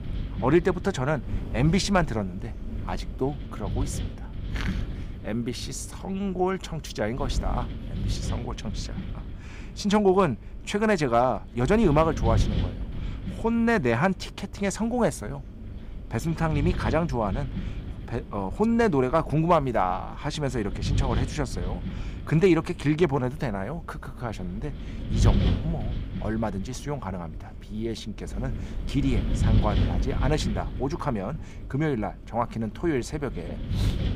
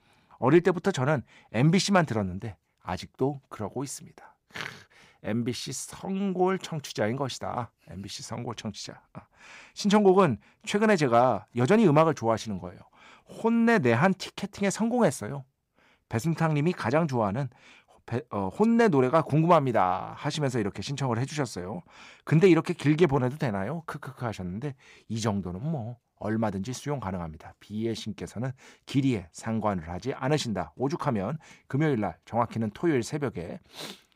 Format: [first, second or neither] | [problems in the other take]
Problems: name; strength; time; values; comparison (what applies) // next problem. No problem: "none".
second | wind noise on the microphone; occasional gusts; 15 dB below the speech